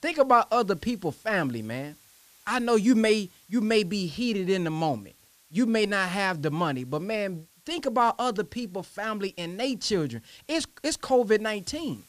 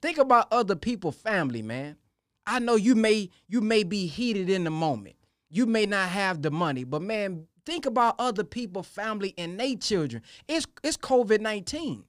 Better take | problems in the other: second | hiss; faint; throughout; 30 dB below the speech

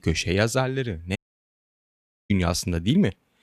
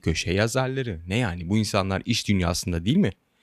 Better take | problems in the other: second | audio cutting out; at 1 s for 1 s

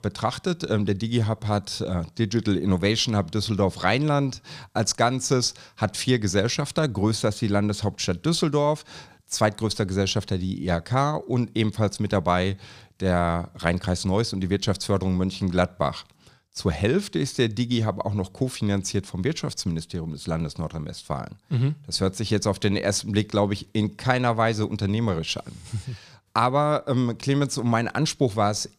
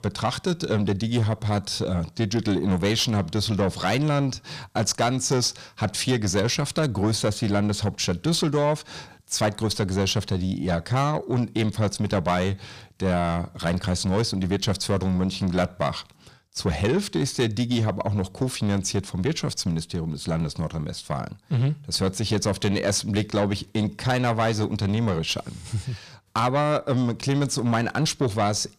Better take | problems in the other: first | distortion; slight; 10 dB below the speech

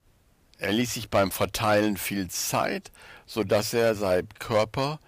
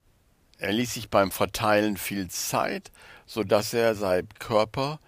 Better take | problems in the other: second | distortion; slight; 2% of the sound clipped

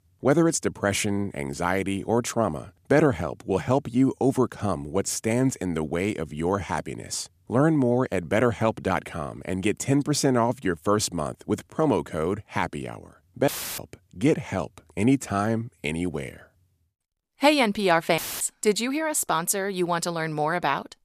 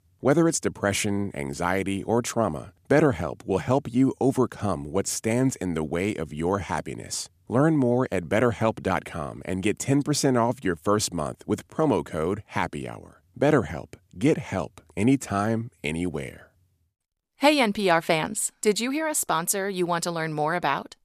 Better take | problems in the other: second | audio cutting out; filled with static; at 13 s and at 18 s

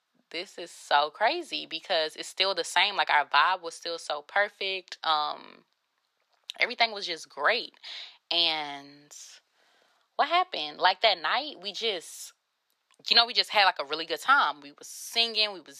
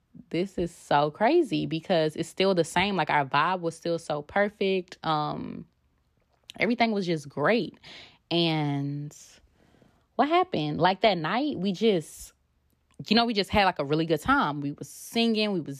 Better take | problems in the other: second | thin; very; fading below 800 Hz

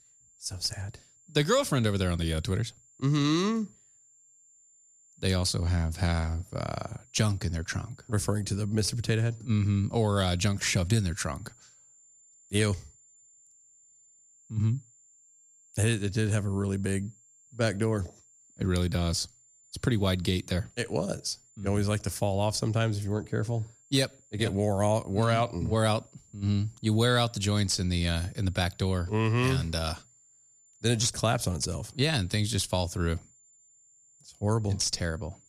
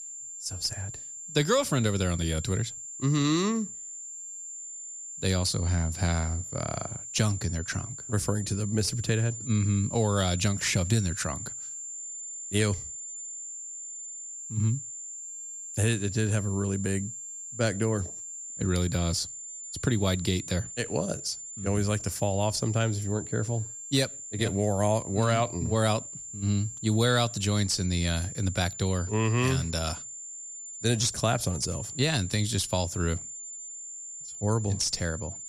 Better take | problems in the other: first | high-pitched whine; loud; throughout; 7 kHz, 9 dB below the speech; faint in the first

